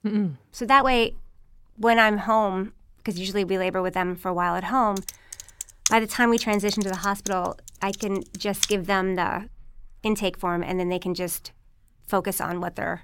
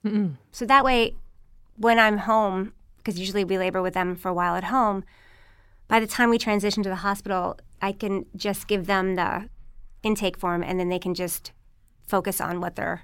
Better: second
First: keyboard typing; noticeable; from 5 to 8.5 s; peak 2 dB below the speech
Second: none

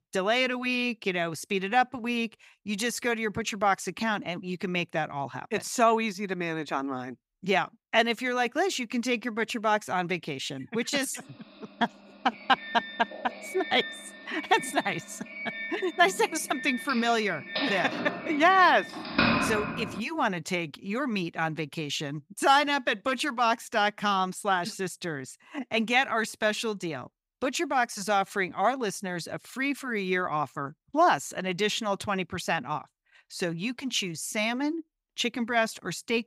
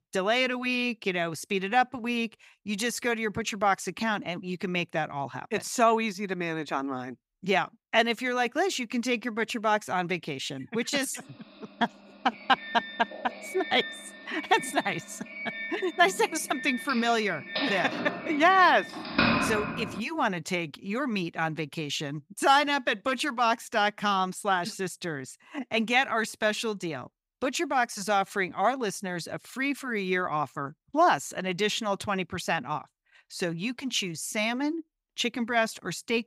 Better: neither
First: doorbell; loud; from 13 to 20 s; peak 4 dB above the speech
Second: doorbell; loud; from 13 to 20 s; peak 4 dB above the speech

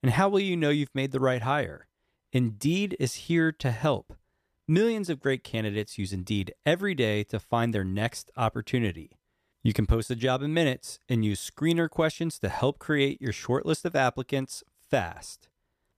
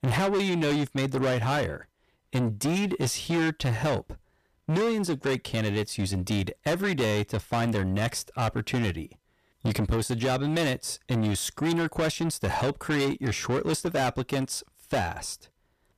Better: first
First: none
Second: distortion; heavy; 6 dB below the speech

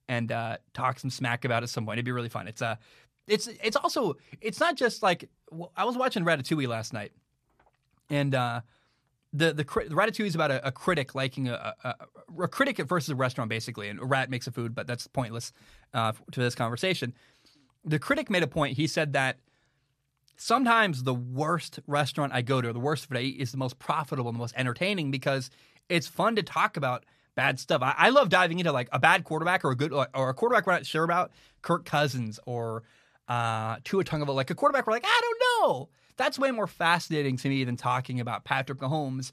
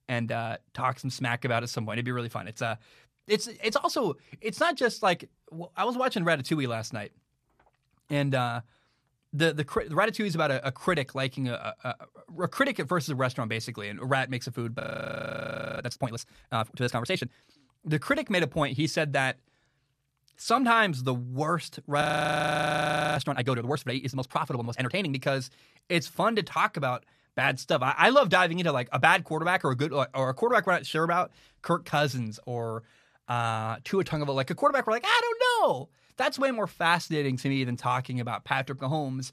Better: first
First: none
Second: audio freezing; at 15 s for 1 s and at 22 s for 1 s

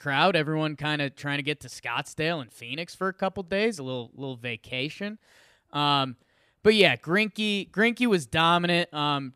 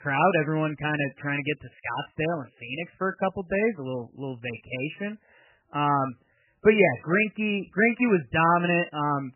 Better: first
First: none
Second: garbled, watery; badly; nothing above 3 kHz

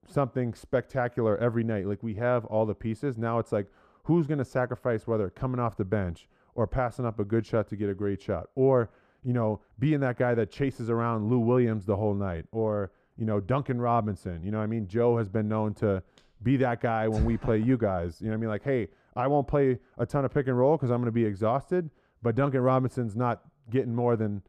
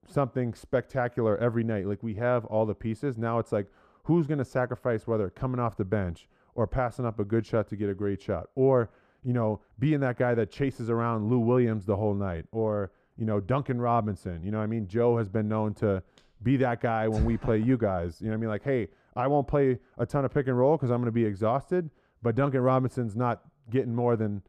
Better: neither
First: muffled; slightly; fading above 1.5 kHz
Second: muffled; slightly; fading above 1.5 kHz

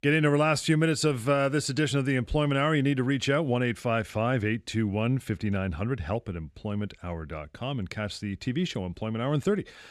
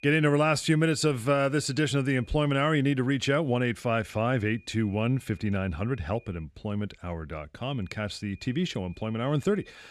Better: first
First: none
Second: high-pitched whine; faint; until 2.5 s, from 4 to 6.5 s and from 7.5 s on; 2.5 kHz, 30 dB below the speech

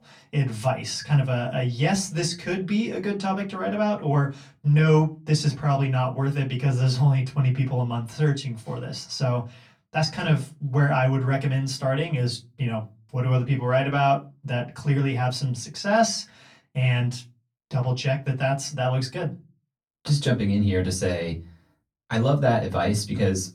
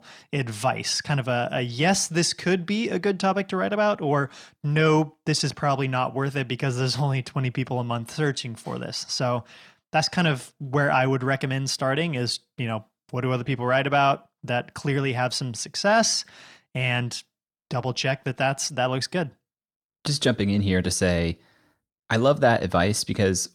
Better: second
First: off-mic speech; far // room echo; very slight; dies away in 0.2 s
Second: none

